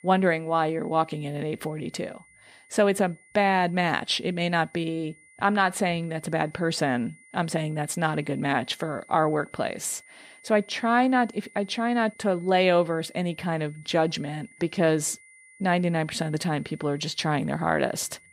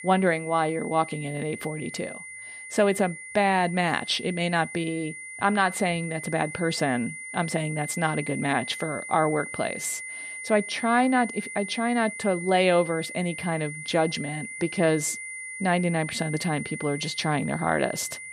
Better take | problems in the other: first | high-pitched whine; loud; throughout; 2 kHz, 10 dB below the speech; faint in the first

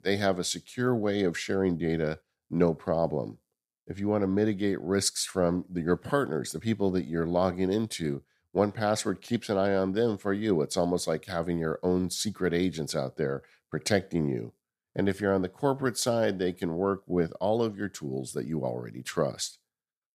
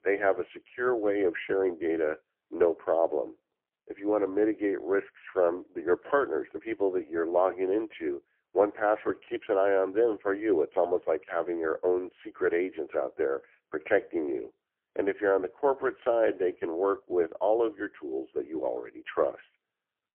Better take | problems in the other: first | phone-call audio; poor line

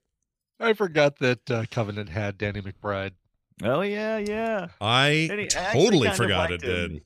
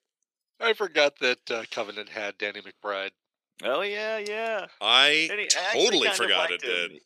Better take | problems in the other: first | thin; somewhat; fading below 350 Hz

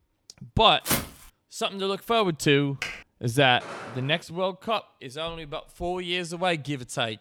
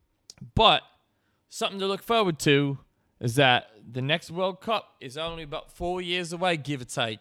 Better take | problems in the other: second | footsteps; noticeable; at 1 s; peak 1 dB below the speech // keyboard typing; noticeable; at 3 s; peak 9 dB below the speech // footsteps; faint; at 3.5 s; peak 15 dB below the speech

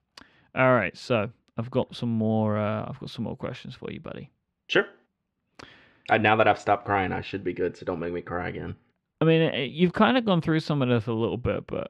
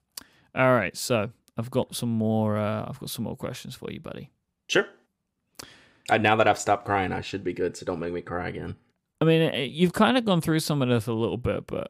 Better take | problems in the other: second | muffled; slightly; fading above 3 kHz

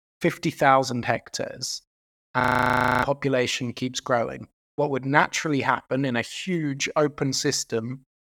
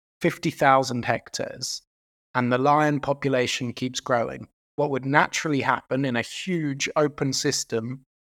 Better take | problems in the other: second | audio freezing; at 2.5 s for 0.5 s

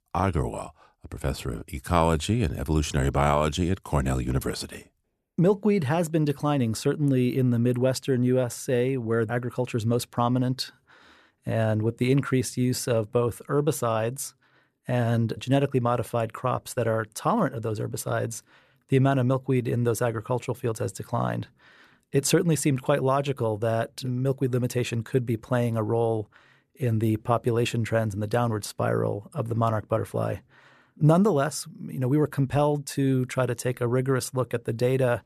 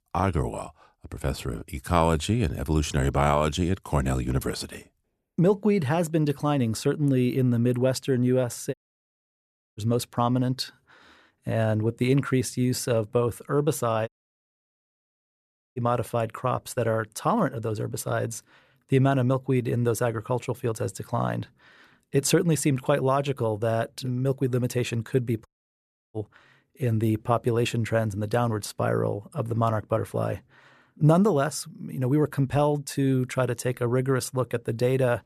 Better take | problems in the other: first | audio cutting out; at 8.5 s for 1 s, at 14 s for 1.5 s and at 25 s for 0.5 s

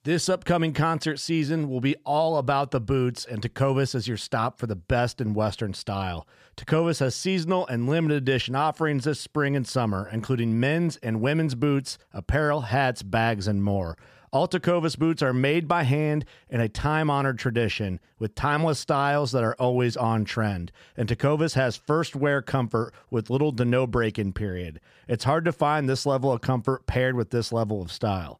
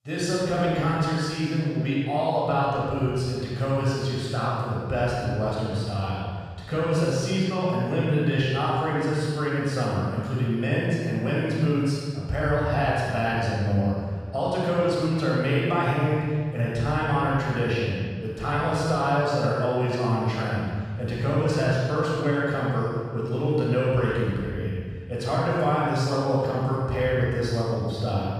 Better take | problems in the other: first | room echo; strong; dies away in 1.6 s // off-mic speech; far

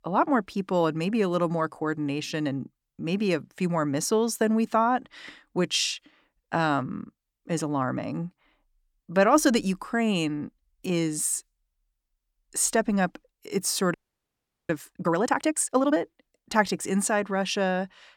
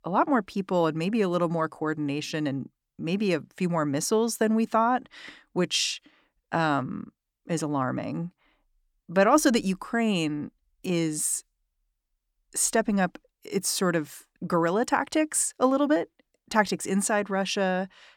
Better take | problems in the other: second | audio freezing; at 14 s for 1 s

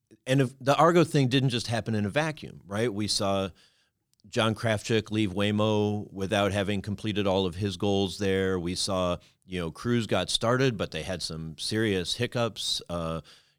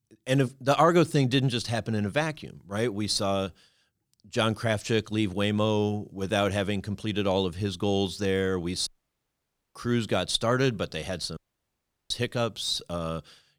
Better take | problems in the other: first | audio cutting out; at 9 s for 1 s and at 11 s for 0.5 s

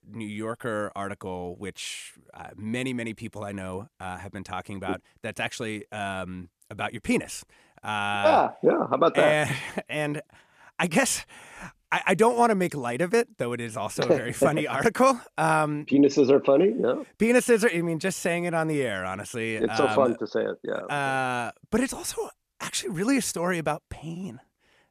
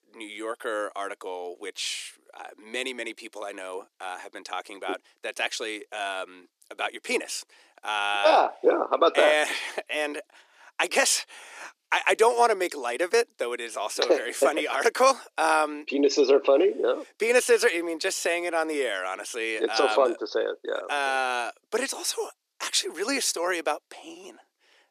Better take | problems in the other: first | thin; somewhat; fading below 300 Hz

